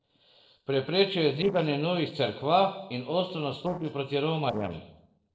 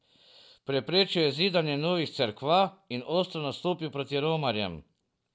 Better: second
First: noise reduction (neural separator model SepFormer DNS4)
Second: none

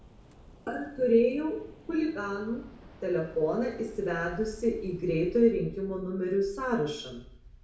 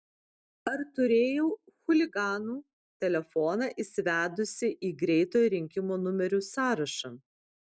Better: second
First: background sound (Waves, surf); 20 dB below the speech // room echo; dies away in 0.6 s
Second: none

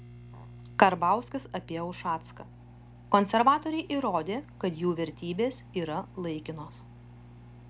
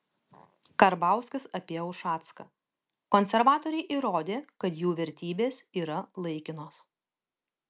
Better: second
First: background sound (Microwave oven); 19 dB below the speech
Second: none

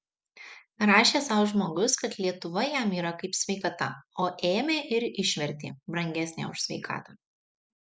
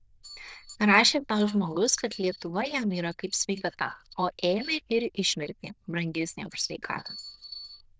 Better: first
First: none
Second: noise reduction (neural diffusion model UNIVERSE++)

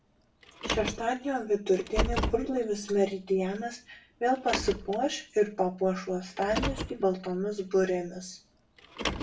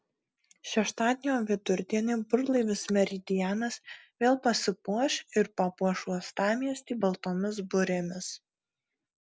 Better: second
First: background sound (Car); 7 dB below the speech // room echo; dies away in 0.3 s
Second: none

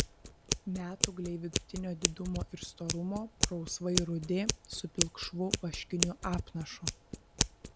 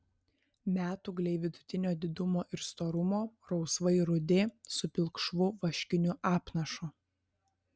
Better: second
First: background sound (Scissors); 1 dB above the speech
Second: none

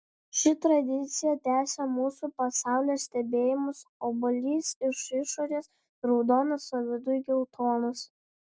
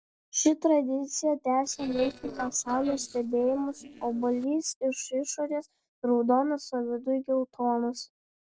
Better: first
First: none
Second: noise reduction (neural separator model SepFormer DNS4)

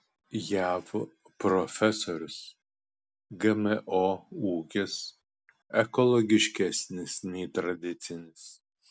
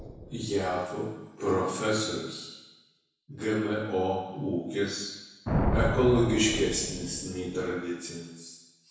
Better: first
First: none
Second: background sound (Thunder); 6 dB below the speech // room echo; dies away in 1 s

